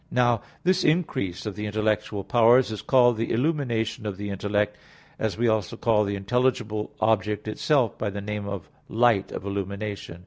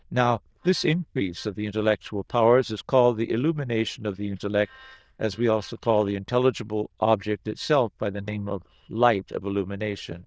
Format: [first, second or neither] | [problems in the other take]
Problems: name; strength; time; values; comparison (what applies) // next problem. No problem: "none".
first | noise reduction (neural diffusion model UNIVERSE++)